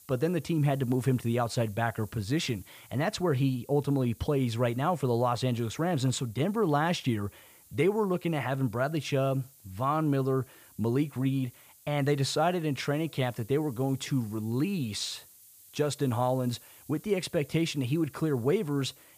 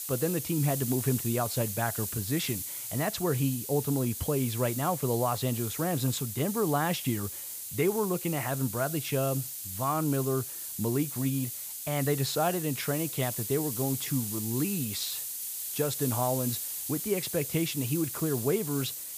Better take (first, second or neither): first